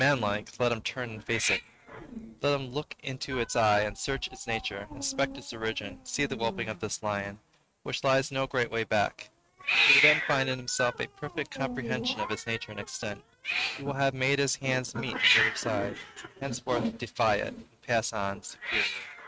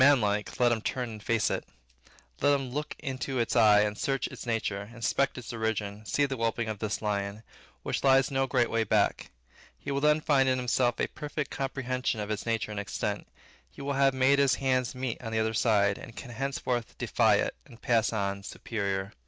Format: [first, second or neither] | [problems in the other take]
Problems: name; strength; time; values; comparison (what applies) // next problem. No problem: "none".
second | noise reduction (neural mask model RNNoise)